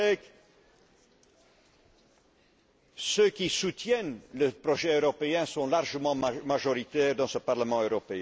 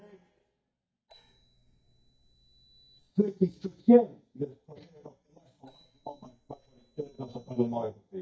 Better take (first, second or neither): first